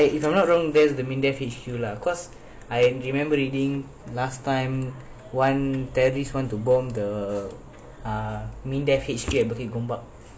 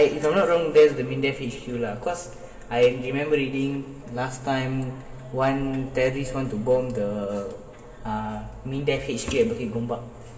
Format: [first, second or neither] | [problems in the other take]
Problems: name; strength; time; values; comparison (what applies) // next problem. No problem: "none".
first | room echo; dies away in 1.8 s